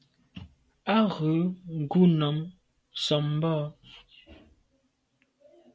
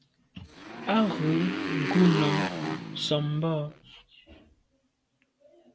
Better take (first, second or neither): first